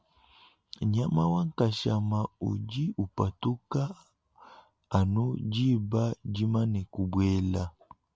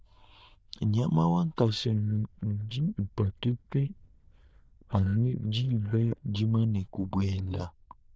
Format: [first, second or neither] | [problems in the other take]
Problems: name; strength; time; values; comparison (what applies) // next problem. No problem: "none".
first | noise reduction (neural diffusion model UNIVERSE++)